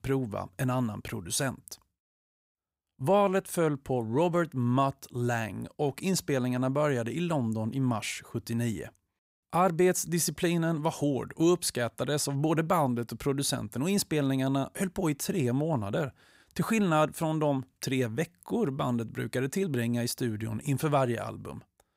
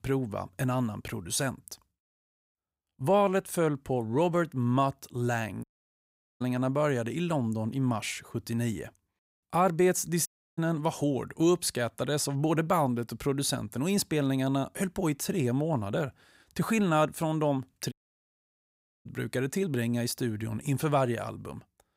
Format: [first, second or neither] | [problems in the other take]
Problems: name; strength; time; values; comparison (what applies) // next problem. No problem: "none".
first | audio cutting out; at 5.5 s for 1 s, at 10 s and at 18 s for 1 s